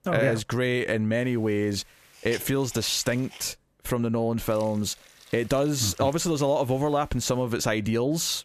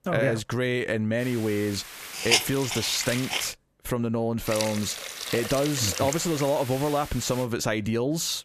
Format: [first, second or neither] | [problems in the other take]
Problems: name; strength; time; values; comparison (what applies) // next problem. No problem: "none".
first | hiss; loud; from 1 to 3.5 s and from 4.5 to 7.5 s; 3 dB below the speech; faint in the first